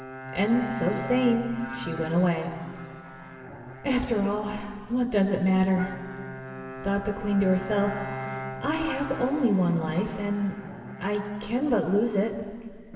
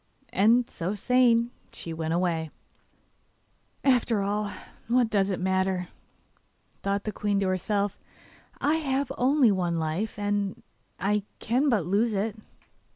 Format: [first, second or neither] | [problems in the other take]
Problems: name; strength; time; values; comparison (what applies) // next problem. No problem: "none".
second | background sound (Bowed string instrument); 12 dB below the speech // room echo; dies away in 2.3 s